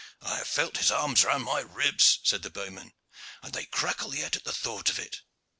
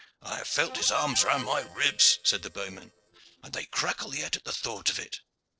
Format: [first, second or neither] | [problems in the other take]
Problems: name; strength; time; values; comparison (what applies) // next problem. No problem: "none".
first | noise reduction (neural separator model SepFormer DNS4)